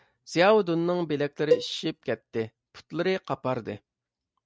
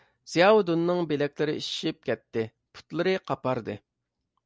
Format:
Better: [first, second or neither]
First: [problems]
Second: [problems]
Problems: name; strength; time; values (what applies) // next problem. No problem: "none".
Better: second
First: noise reduction (neural mask model RNNoise)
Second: none